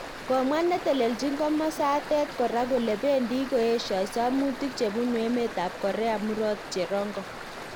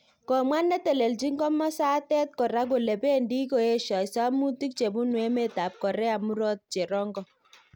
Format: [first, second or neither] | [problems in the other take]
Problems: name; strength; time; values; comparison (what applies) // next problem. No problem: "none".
second | background sound (Stream); 11 dB below the speech